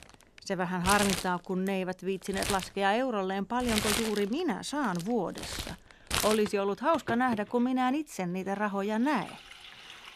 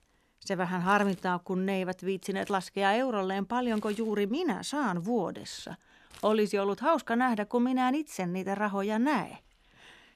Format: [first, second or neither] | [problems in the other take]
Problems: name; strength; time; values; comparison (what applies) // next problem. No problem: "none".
second | household noises; loud; throughout; 5 dB below the speech; faint in the second